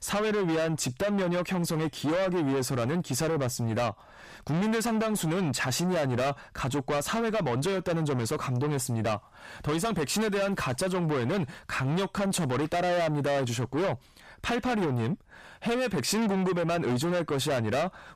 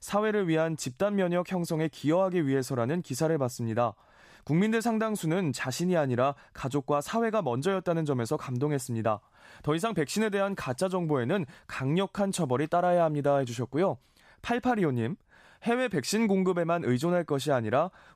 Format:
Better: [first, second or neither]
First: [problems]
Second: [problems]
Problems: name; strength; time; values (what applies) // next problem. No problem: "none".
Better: second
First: distortion; heavy; 5 dB below the speech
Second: none